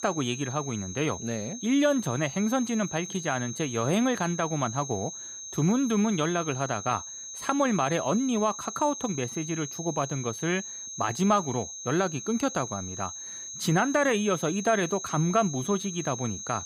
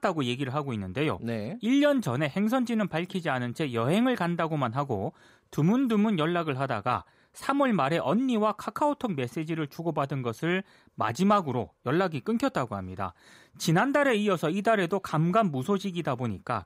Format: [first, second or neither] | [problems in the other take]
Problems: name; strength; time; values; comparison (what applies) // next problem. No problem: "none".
second | high-pitched whine; loud; throughout; 6.5 kHz, 8 dB below the speech